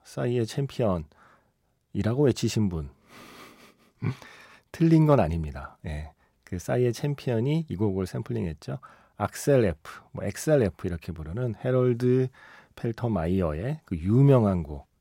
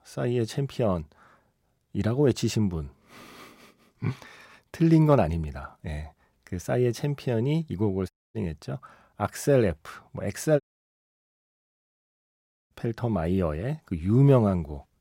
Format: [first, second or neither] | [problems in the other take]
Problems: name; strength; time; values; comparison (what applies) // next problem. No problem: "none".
first | audio cutting out; at 8 s and at 11 s for 2 s